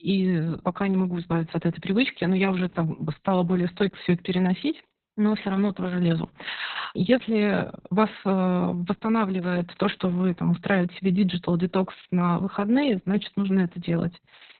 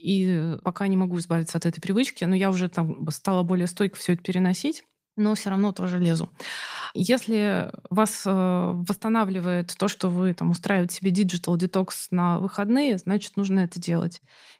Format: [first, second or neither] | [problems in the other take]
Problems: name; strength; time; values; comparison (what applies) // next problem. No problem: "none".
second | garbled, watery; badly; nothing above 4 kHz; slightly in the second